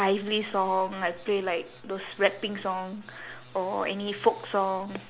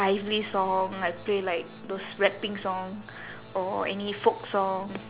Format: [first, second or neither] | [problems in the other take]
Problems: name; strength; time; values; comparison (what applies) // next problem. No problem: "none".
first | background sound (Organ); 19 dB below the speech